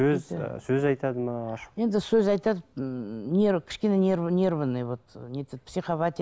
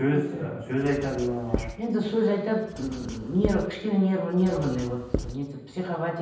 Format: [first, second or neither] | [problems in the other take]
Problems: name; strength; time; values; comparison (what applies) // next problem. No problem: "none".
first | background sound (Writing); 9 dB below the speech // room echo; dies away in 0.9 s